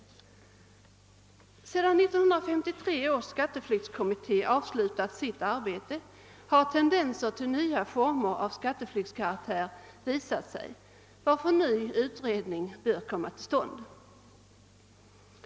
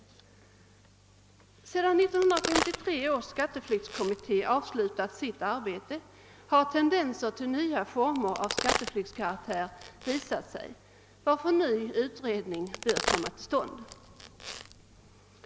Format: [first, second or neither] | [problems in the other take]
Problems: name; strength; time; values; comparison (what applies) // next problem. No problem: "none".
first | background sound (Crack); 6 dB below the speech